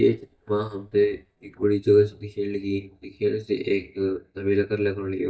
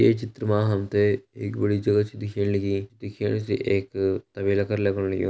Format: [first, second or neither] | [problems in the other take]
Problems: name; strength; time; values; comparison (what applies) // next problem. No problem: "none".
second | noise reduction (neural mask model DeepFilterNet 3)